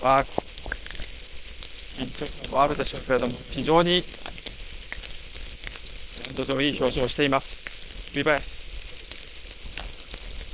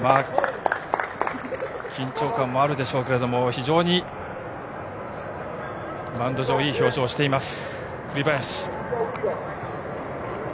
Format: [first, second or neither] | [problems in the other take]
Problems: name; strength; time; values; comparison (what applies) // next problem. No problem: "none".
second | noise reduction (neural separator model SepFormer WHAM!)